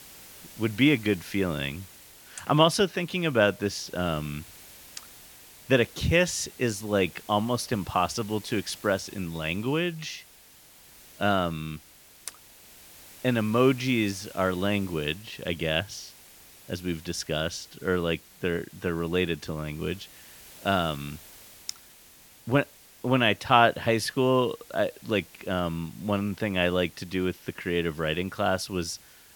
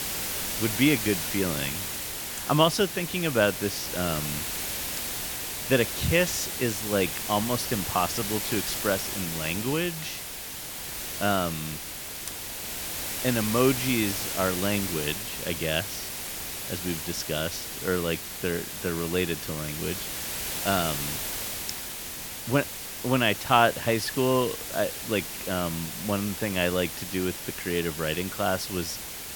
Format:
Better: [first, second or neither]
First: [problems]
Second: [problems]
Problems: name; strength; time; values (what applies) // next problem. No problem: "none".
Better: first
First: hiss; faint; throughout; 20 dB below the speech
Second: hiss; loud; throughout; 4 dB below the speech